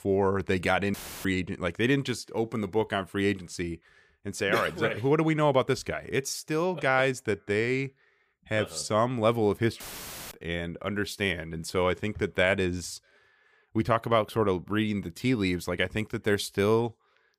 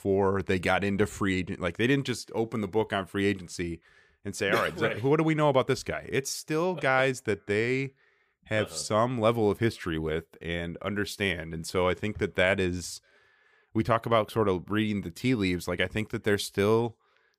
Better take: second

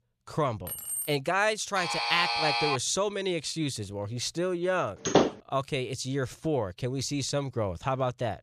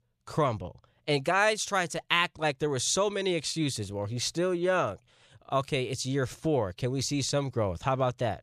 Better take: second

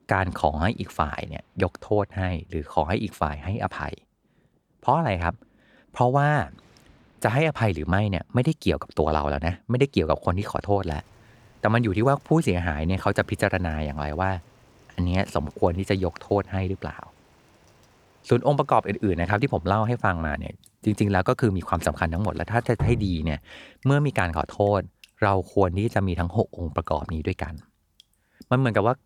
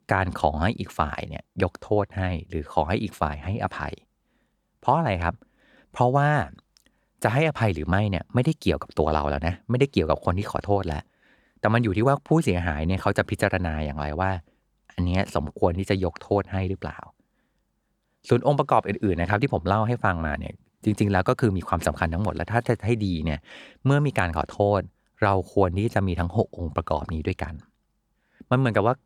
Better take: second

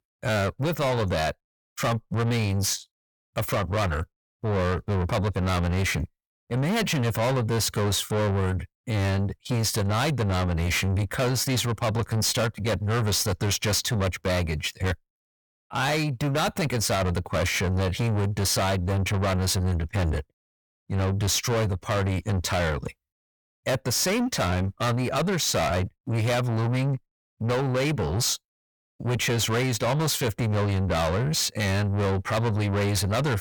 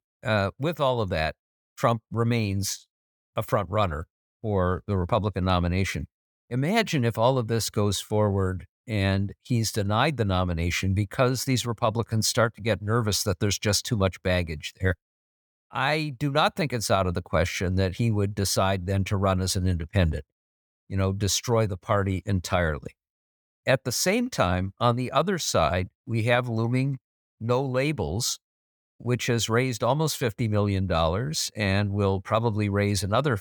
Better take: second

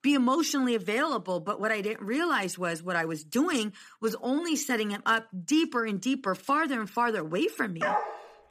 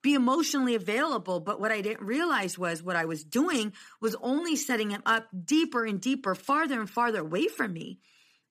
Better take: second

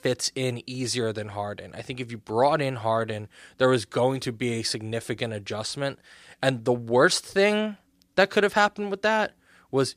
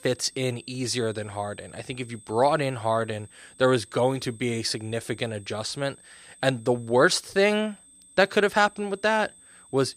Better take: first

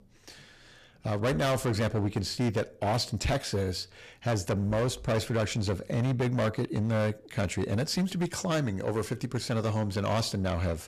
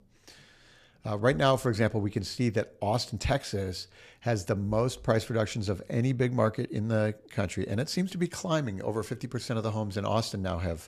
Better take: second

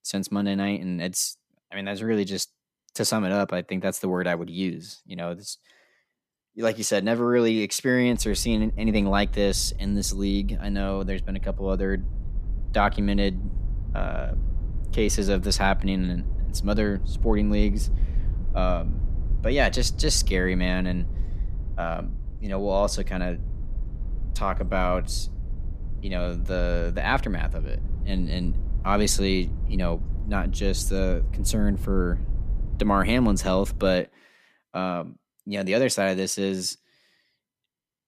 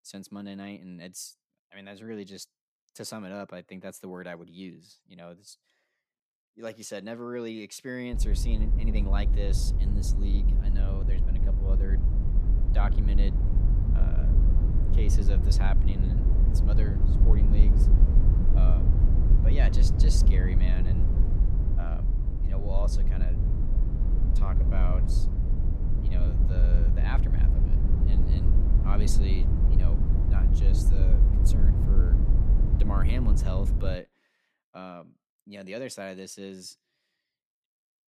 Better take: first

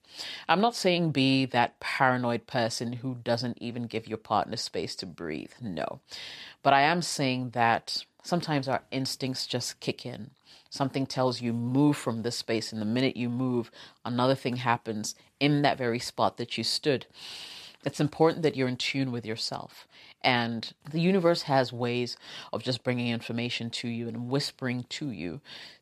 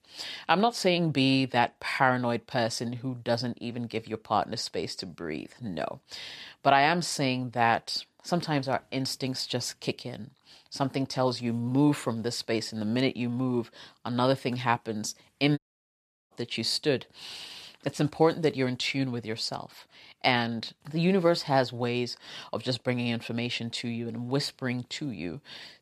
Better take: first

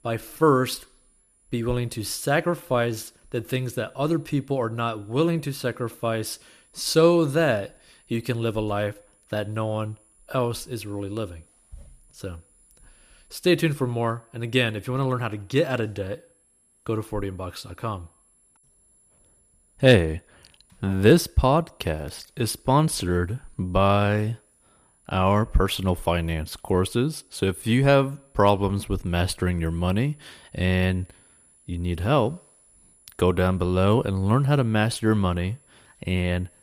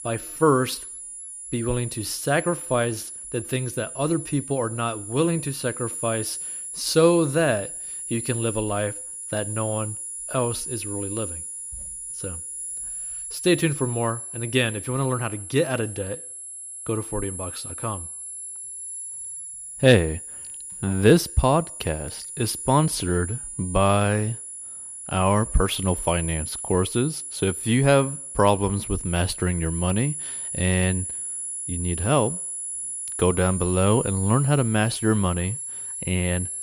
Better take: first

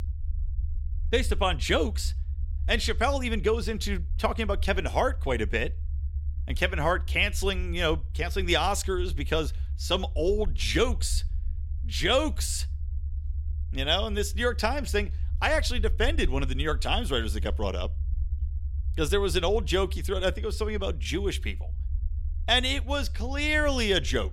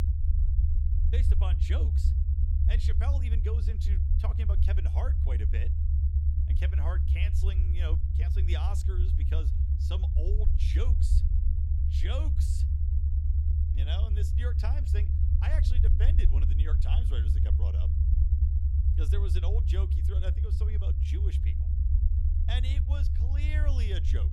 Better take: first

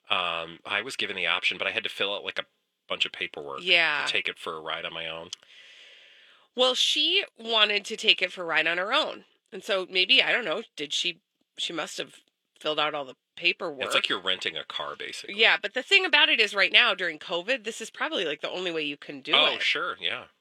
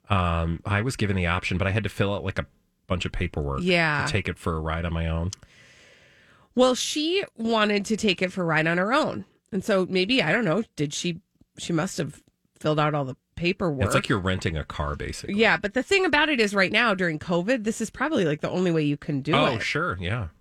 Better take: second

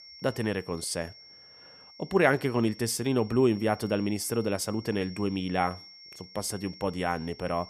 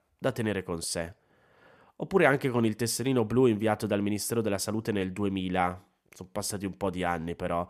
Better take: second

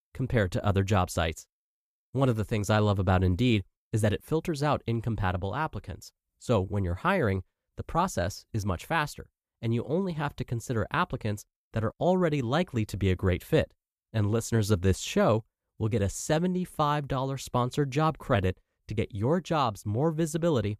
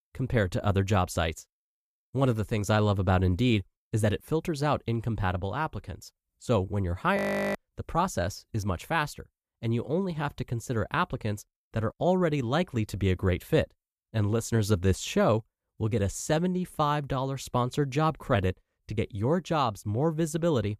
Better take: first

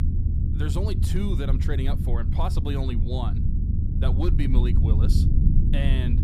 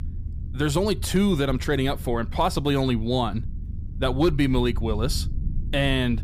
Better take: second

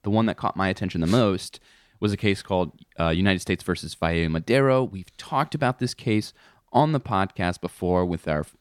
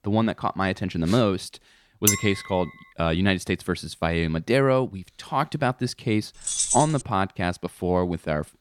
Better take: first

